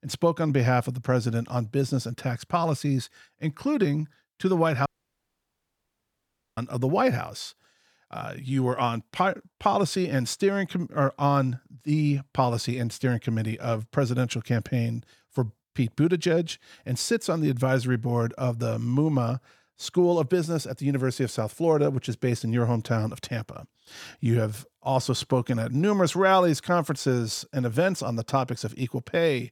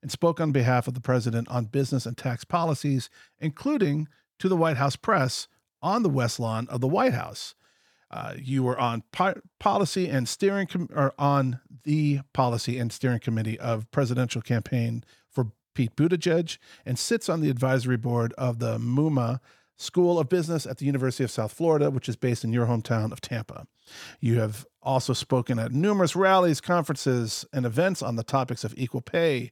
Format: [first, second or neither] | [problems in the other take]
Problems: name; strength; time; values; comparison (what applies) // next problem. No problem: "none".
second | audio cutting out; at 5 s for 1.5 s